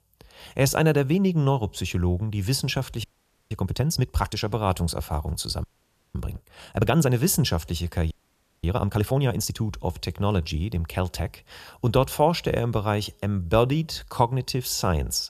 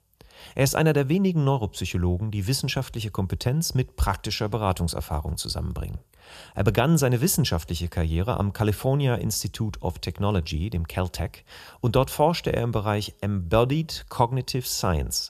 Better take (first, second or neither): second